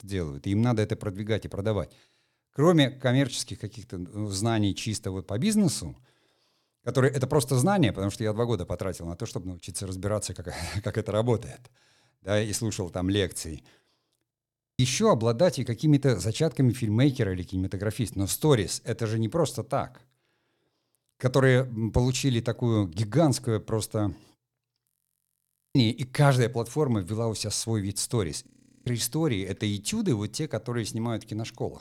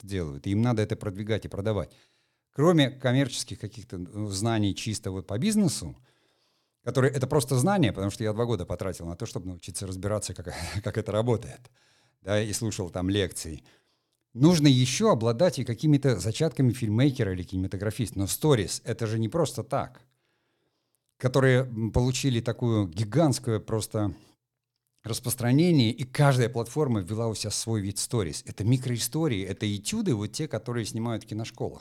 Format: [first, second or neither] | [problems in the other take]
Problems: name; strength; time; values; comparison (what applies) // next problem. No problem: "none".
second | audio freezing; at 14 s, at 25 s for 1 s and at 28 s